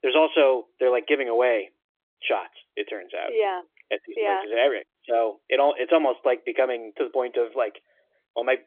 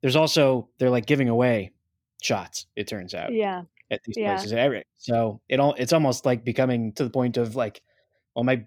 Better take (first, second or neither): second